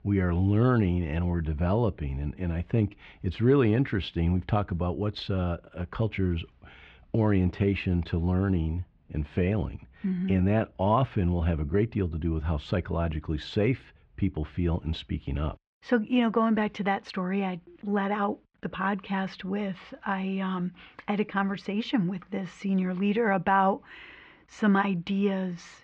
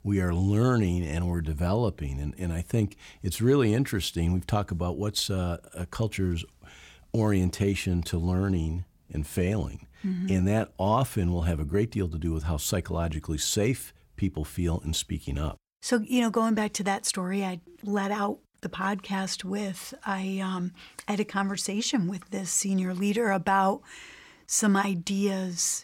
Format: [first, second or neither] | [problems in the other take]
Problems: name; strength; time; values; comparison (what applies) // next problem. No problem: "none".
second | muffled; very; fading above 3 kHz